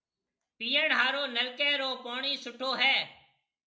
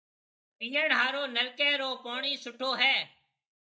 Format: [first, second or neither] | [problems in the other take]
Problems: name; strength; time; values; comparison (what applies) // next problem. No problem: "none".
first | noise reduction (neural mask model DeepFilterNet 3)